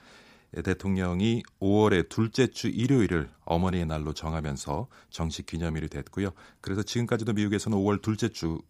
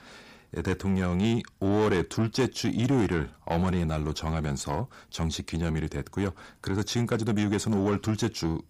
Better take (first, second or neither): first